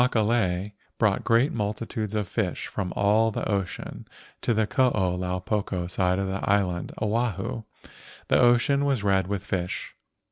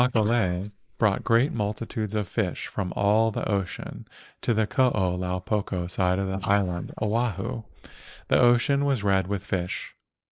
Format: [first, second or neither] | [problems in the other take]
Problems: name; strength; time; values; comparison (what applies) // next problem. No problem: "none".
first | noise reduction (neural mask model Resemble Enhance denoiser)